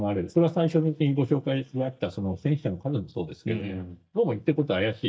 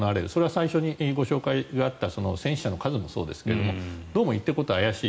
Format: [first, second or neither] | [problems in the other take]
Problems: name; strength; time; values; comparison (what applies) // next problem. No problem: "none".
second | noise reduction (neural mask model DeepFilterNet 3)